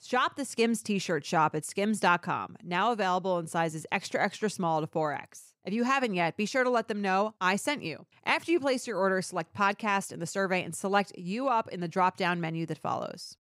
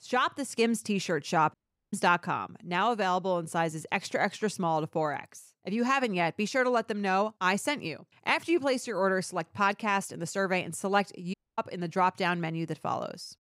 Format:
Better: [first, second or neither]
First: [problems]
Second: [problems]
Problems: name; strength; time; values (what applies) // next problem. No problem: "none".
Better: first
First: none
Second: audio cutting out; at 1.5 s and at 11 s